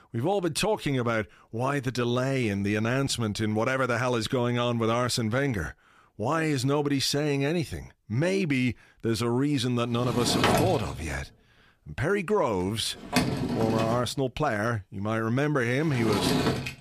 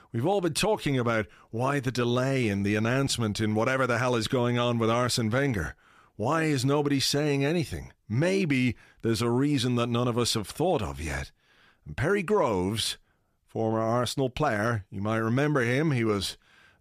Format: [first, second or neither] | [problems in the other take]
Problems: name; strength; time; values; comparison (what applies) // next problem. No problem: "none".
second | door banging; loud; from 10 s on; peak 4 dB above the speech